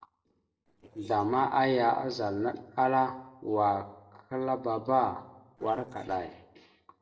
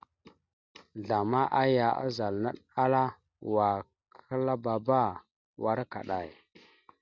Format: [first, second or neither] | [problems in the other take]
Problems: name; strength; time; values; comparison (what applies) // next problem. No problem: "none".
second | noise reduction (neural separator model SepFormer DNS4)